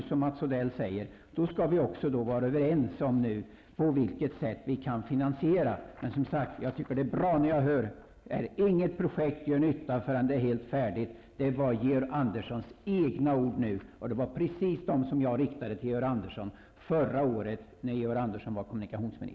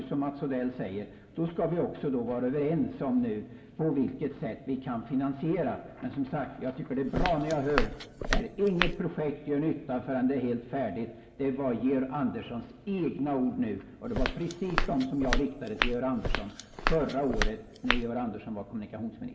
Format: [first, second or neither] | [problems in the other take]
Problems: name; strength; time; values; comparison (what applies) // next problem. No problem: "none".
first | background sound (Walk, footsteps); as loud as the speech // room echo; dies away in 3 s